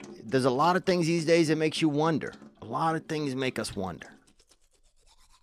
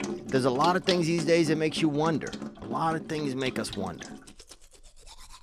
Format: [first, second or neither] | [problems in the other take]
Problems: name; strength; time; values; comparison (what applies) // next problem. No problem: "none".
first | household noises; loud; throughout; 10 dB below the speech; faint in the first